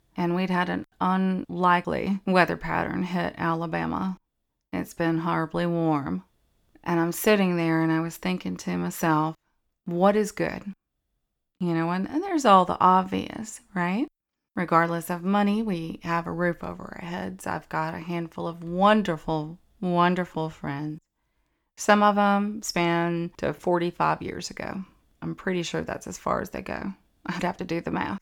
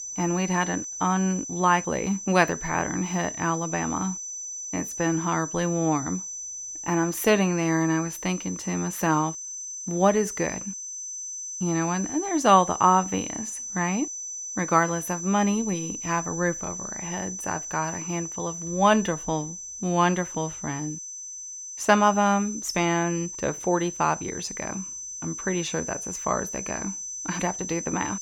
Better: first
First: none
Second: high-pitched whine; loud; throughout; 6 kHz, 7 dB below the speech

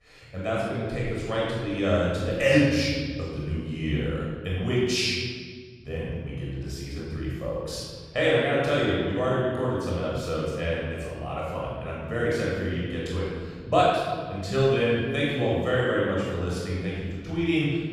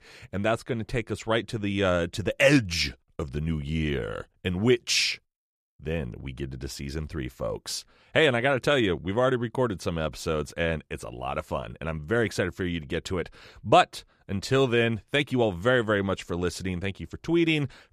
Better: second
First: room echo; strong; dies away in 1.8 s // off-mic speech; far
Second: none

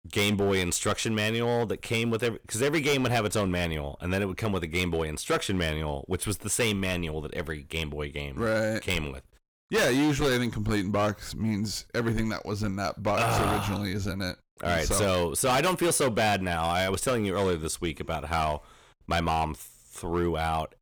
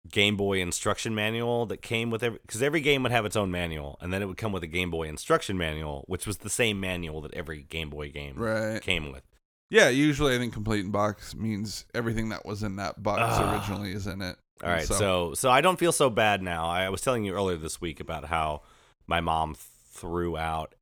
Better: second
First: distortion; heavy; 9% of the sound clipped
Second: none

